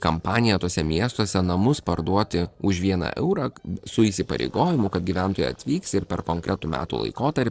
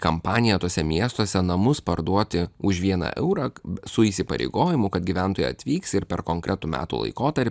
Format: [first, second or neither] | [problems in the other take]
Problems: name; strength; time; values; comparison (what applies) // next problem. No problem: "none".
second | noise reduction (neural separator model SepFormer DNS4)